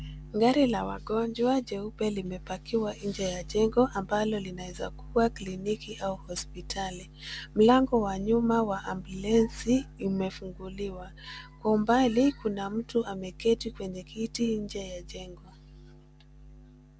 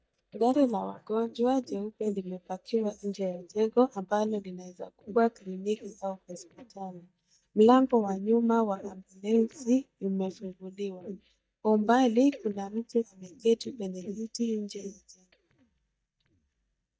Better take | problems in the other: first | noise reduction (neural mask model DeepFilterNet 3)

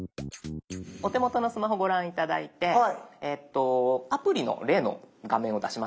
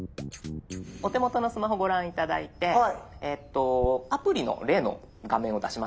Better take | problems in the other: first | background sound (Bird vocalization, bird call, bird song); 18 dB below the speech

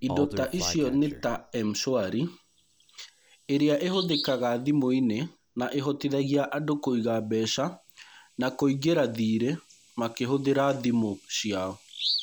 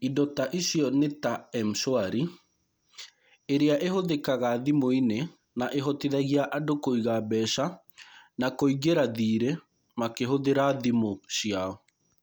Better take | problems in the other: second | background sound (Bird vocalization, bird call, bird song); 13 dB below the speech

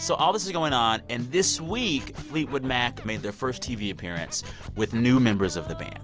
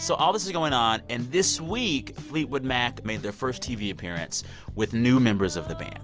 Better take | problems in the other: second | background sound (Scratching (performance technique)); 18 dB below the speech

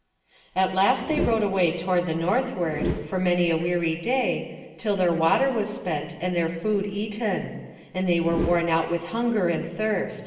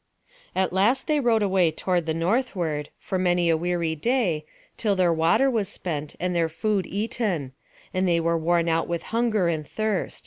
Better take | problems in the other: second | background sound (Whoosh, swoosh, swish); 9 dB below the speech // room echo; dies away in 1.2 s

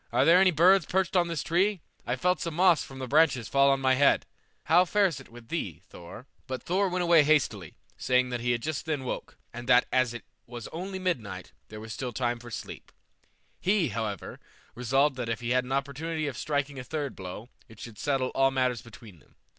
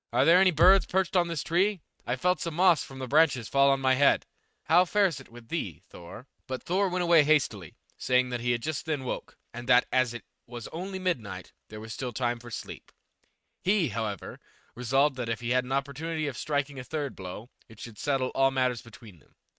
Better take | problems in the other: first | noise reduction (neural mask model RNNoise)

